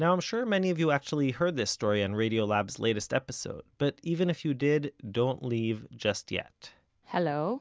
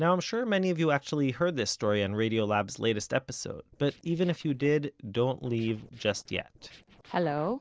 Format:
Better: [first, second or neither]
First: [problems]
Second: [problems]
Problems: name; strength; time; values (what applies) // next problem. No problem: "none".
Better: first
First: none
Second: noise reduction (neural separator model SepFormer DNS4)